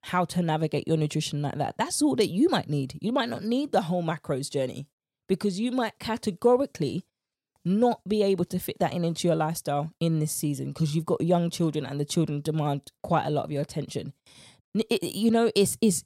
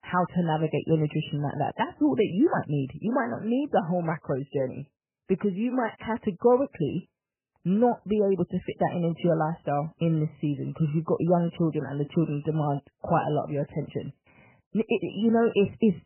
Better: first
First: none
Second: garbled, watery; badly; nothing above 3 kHz

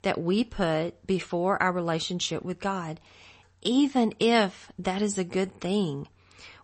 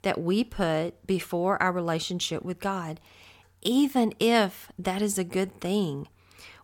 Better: second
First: garbled, watery; slightly; nothing above 8 kHz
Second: none

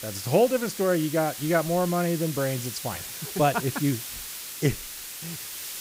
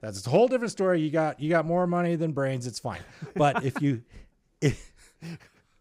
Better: second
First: hiss; loud; throughout; 8 dB below the speech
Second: none

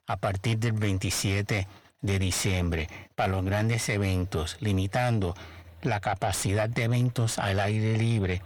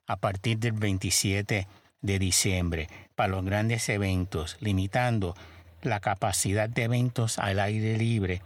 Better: second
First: distortion; slight; 9 dB below the speech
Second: none

